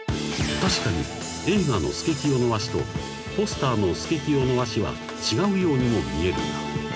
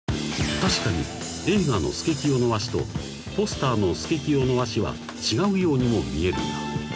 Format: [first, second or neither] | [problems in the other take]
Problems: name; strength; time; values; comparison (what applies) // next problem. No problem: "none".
second | background sound (Musical instrument); 13 dB below the speech